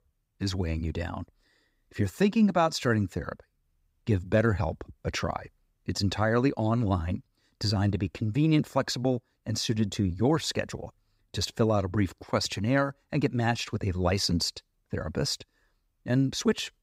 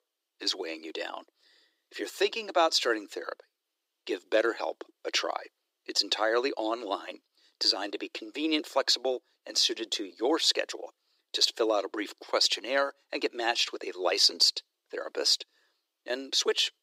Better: first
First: none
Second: thin; very; fading below 350 Hz

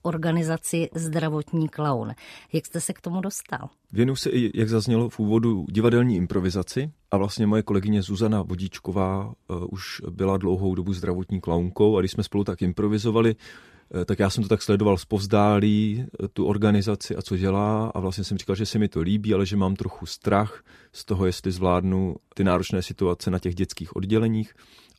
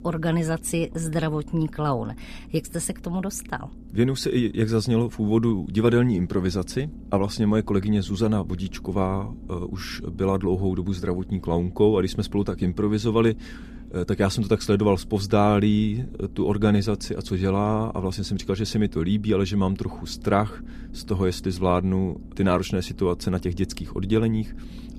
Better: first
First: none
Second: low rumble; faint; throughout; 20 dB below the speech

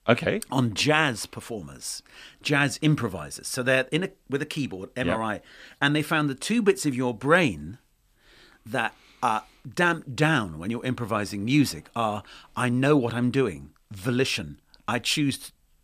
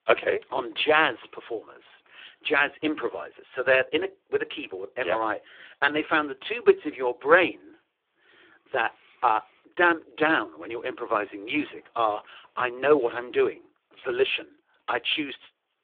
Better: first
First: none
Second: phone-call audio; poor line; nothing above 3.5 kHz

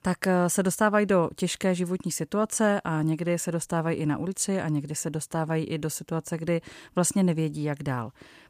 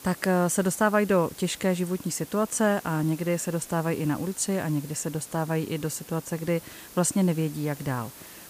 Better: first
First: none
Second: hiss; noticeable; throughout; 15 dB below the speech

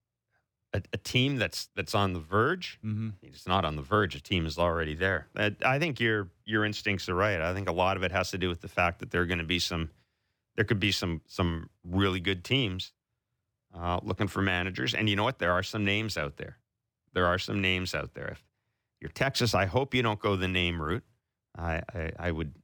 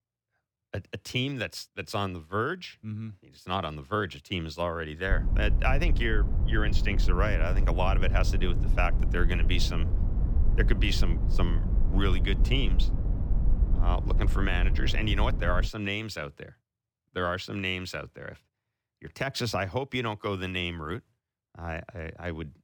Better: first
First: none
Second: low rumble; noticeable; from 5 to 16 s; 10 dB below the speech

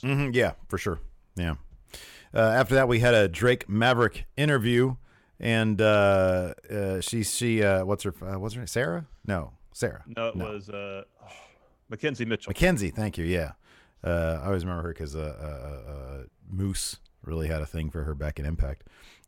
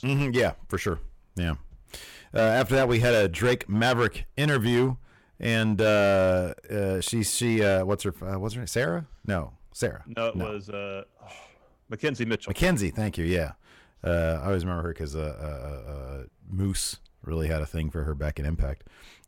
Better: first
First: none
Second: distortion; slight; 4% of the sound clipped

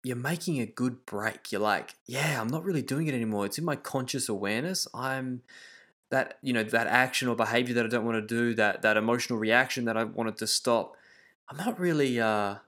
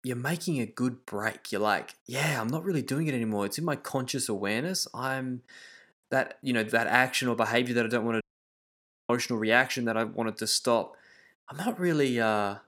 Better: first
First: none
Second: audio cutting out; at 8 s for 1 s

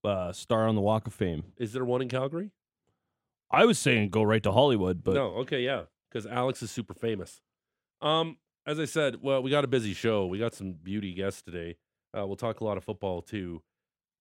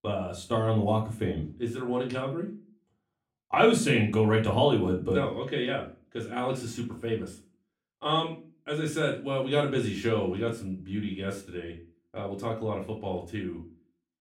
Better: first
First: none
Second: room echo; slight; dies away in 0.3 s // off-mic speech; far

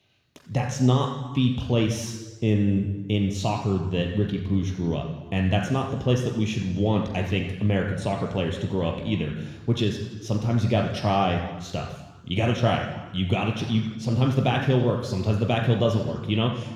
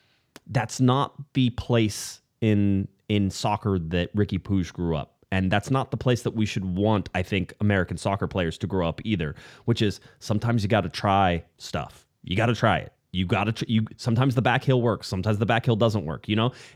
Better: second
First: room echo; noticeable; dies away in 1.1 s // off-mic speech; somewhat distant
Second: none

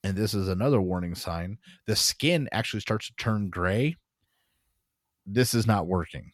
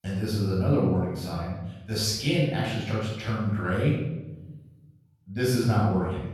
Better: first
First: none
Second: off-mic speech; far // room echo; noticeable; dies away in 1 s

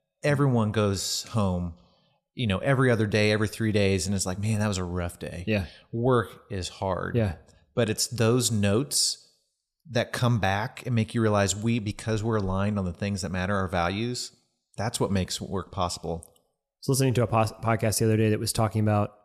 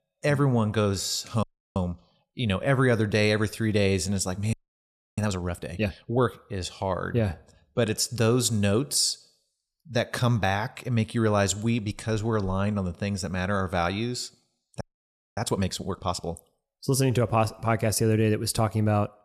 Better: first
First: none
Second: audio freezing; at 1.5 s, at 4.5 s for 0.5 s and at 15 s for 0.5 s

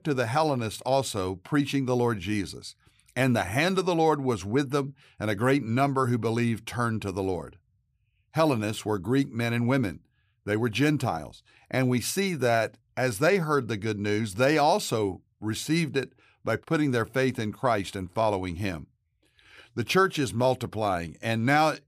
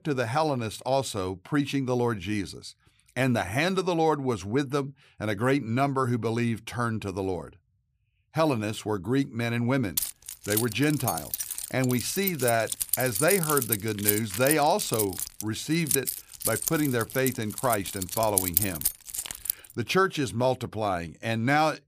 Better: first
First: none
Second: jangling keys; loud; from 10 to 20 s; peak 4 dB above the speech

